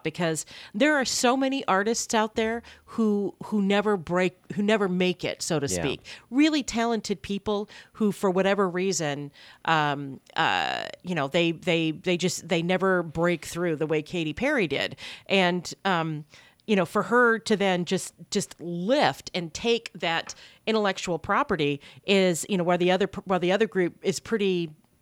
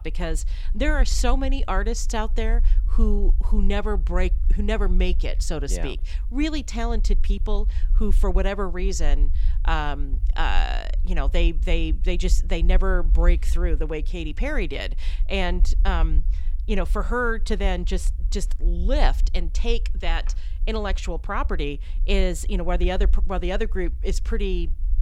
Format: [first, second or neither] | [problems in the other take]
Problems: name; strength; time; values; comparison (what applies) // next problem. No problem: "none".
first | low rumble; faint; throughout; 20 dB below the speech